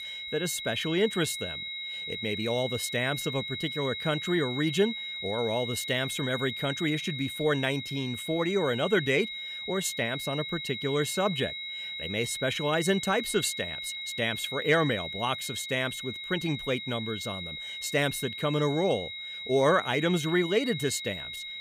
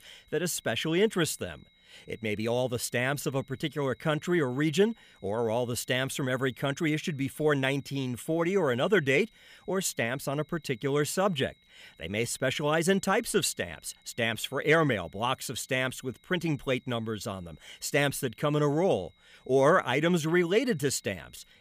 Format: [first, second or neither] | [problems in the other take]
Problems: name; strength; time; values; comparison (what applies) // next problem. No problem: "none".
second | high-pitched whine; loud; throughout; 4 kHz, 6 dB below the speech; faint in the second